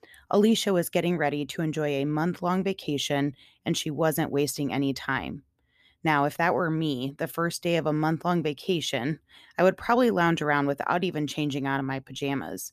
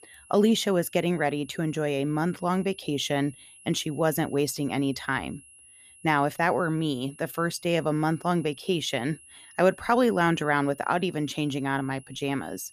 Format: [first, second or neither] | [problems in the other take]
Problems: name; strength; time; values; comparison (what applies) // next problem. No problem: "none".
first | high-pitched whine; faint; throughout; 10.5 kHz, 25 dB below the speech